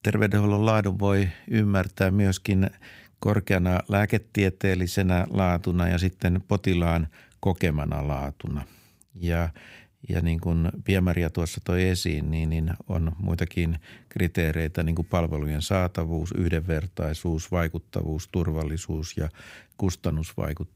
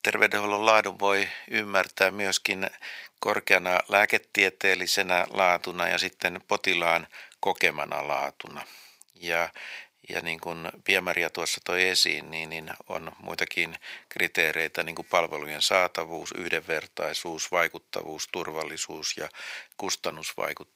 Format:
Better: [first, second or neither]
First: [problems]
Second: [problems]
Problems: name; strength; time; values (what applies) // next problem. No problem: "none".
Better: first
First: none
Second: thin; very; fading below 650 Hz